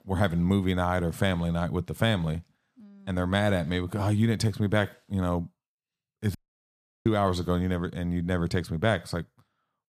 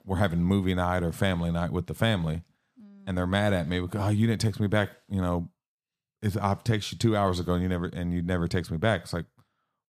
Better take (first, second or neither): second